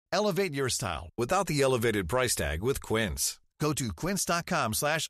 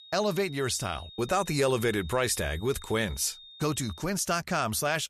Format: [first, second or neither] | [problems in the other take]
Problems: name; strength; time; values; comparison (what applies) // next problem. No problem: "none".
first | high-pitched whine; noticeable; until 4 s; 3.5 kHz, 20 dB below the speech